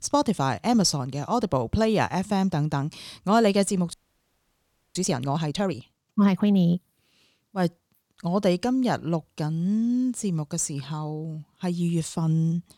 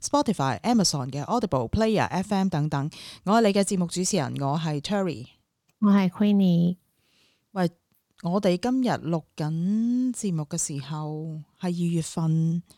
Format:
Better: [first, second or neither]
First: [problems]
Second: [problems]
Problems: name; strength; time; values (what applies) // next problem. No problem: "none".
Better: second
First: audio freezing; at 4 s for 1 s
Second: none